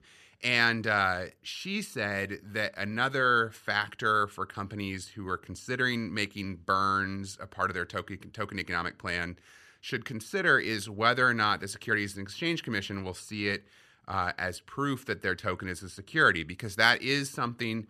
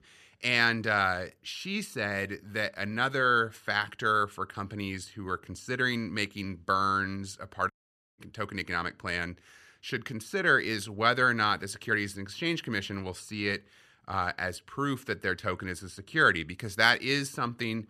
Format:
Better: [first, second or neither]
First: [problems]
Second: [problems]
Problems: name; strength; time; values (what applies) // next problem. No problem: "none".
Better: first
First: none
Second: audio cutting out; at 7.5 s